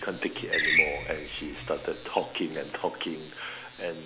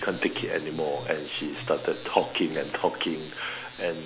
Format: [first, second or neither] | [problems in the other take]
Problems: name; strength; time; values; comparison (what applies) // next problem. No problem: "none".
second | background sound (Screech); 4 dB above the speech